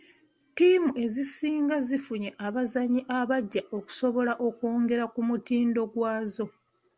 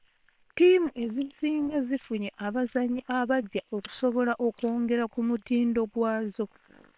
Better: first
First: none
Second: noise reduction (neural separator model SepFormer WHAM!)

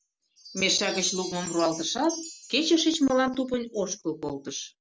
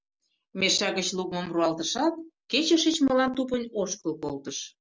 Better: second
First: background sound (Wind chime); 13 dB below the speech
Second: none

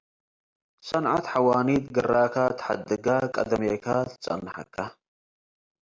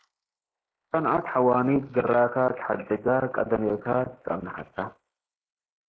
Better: first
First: none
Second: noise reduction (neural mask model Resemble Enhance denoiser)

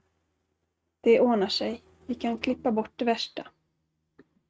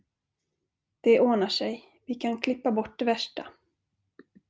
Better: second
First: noise reduction (neural mask model RNNoise)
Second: none

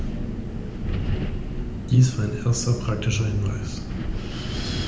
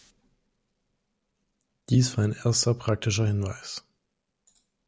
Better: second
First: background sound (Wind); 2 dB below the speech // room echo; dies away in 0.8 s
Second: none

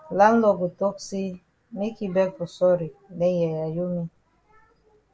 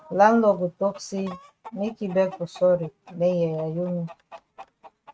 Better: first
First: none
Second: noise reduction (neural mask model RNNoise)

